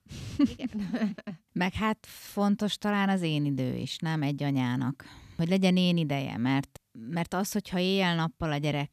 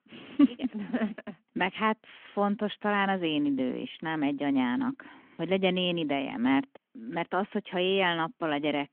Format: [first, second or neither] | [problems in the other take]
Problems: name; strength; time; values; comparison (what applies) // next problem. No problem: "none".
first | phone-call audio; nothing above 3.5 kHz